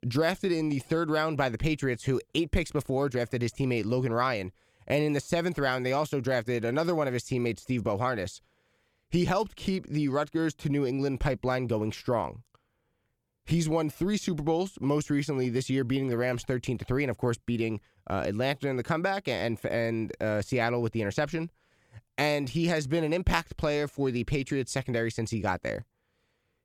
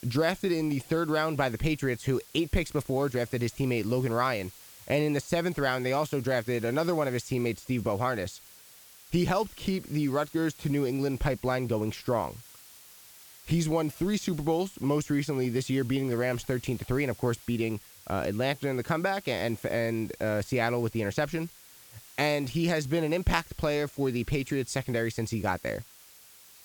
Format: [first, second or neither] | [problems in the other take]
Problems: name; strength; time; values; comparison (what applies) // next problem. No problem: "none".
first | hiss; noticeable; throughout; 20 dB below the speech